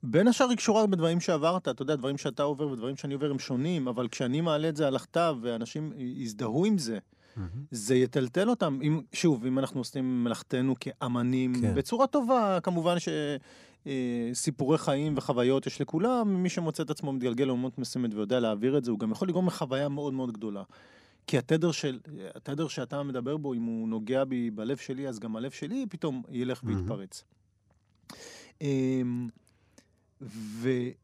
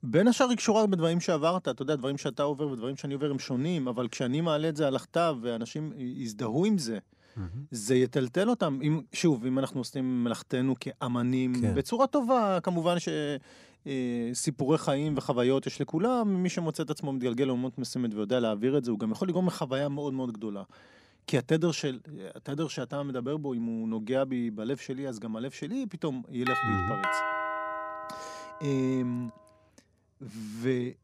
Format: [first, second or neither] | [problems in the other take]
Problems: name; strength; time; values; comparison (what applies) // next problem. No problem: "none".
first | doorbell; loud; from 26 to 29 s; peak 1 dB above the speech